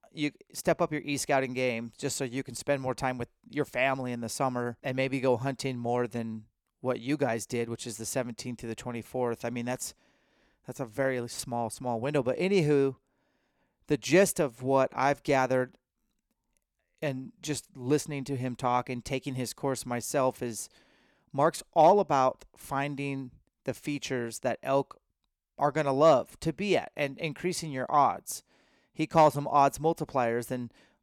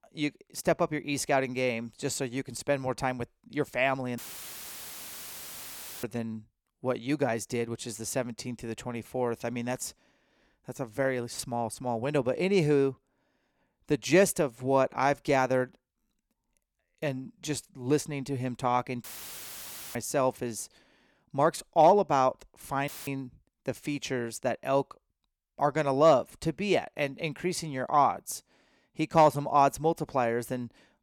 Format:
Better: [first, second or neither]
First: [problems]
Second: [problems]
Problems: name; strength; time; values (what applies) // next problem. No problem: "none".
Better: first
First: none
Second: audio cutting out; filled with static; at 4 s for 2 s, at 19 s for 1 s and at 23 s